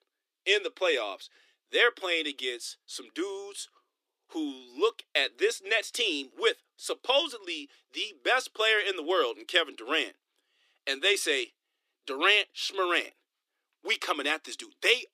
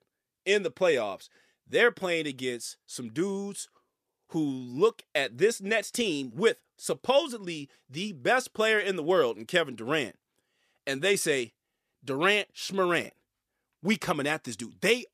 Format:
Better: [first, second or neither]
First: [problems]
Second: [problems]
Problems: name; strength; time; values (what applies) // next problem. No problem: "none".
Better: second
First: thin; somewhat; fading below 300 Hz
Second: none